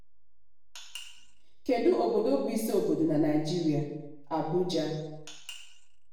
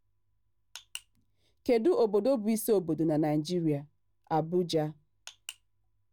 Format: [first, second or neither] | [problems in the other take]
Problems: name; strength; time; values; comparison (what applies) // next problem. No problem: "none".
second | room echo; dies away in 0.9 s